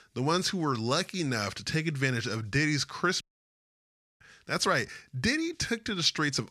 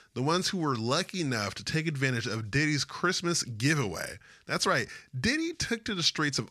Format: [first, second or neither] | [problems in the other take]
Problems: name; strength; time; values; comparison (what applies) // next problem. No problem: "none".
second | audio cutting out; at 3 s for 1 s